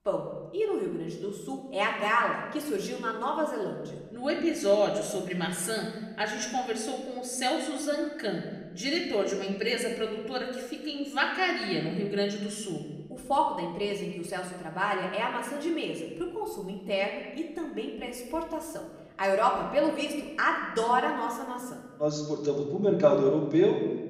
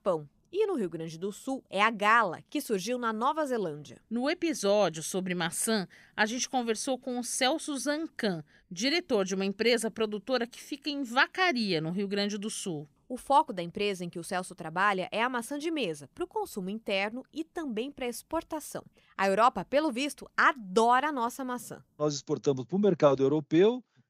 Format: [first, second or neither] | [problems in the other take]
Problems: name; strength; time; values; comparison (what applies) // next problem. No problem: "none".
second | room echo; slight; dies away in 1.2 s // off-mic speech; far